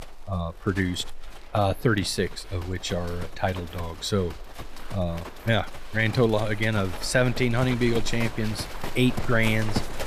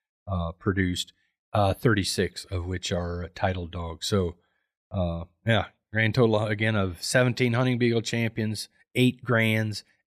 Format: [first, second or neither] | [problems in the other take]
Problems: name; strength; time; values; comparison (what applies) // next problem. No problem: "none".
second | animal sounds; noticeable; throughout; 10 dB below the speech